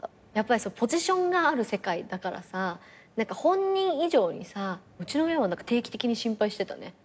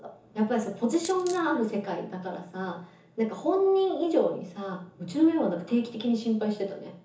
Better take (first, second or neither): first